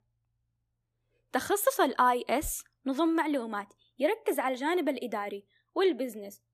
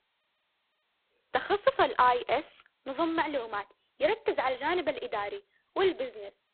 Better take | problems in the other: first | phone-call audio; poor line; nothing above 4 kHz

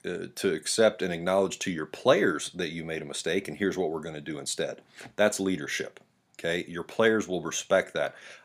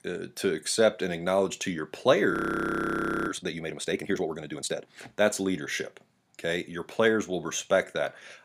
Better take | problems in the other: first | audio freezing; at 2.5 s for 1 s

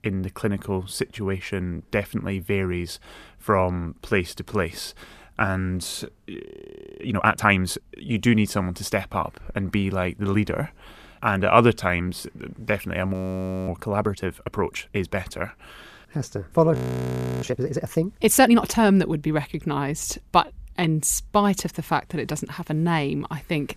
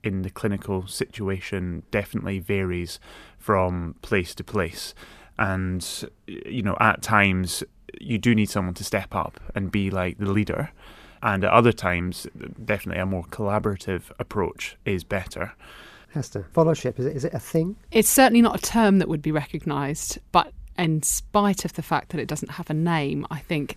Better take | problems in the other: second | audio freezing; at 6.5 s for 0.5 s, at 13 s for 0.5 s and at 17 s for 0.5 s

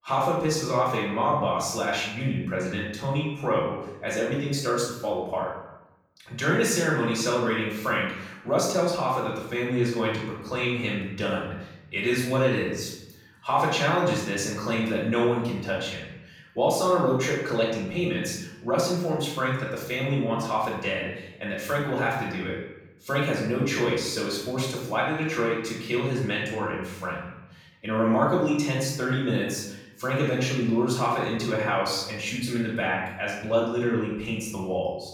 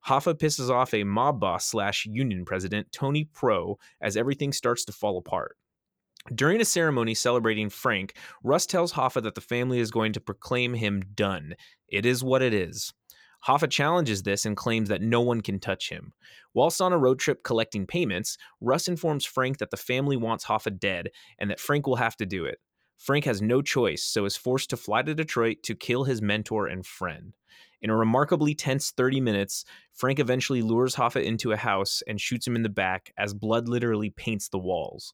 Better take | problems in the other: second | off-mic speech; far // room echo; noticeable; dies away in 0.8 s

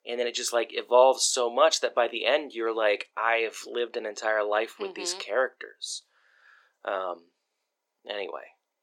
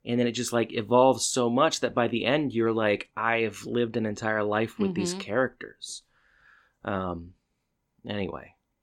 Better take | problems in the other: second | thin; very; fading below 400 Hz

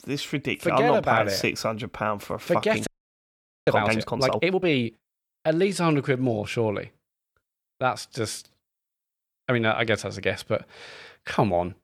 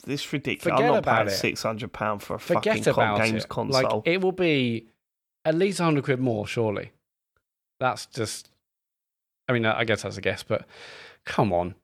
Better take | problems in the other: second | audio freezing; at 3 s for 1 s

